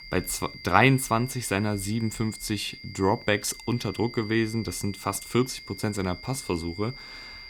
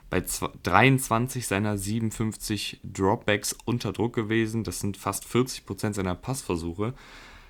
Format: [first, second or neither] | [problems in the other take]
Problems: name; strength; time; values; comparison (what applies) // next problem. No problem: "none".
second | high-pitched whine; noticeable; throughout; 2 kHz, 15 dB below the speech